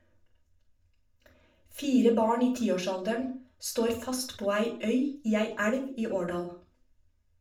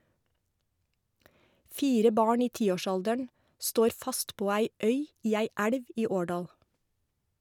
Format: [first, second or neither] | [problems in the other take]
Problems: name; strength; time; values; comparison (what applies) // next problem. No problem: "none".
second | room echo; dies away in 0.4 s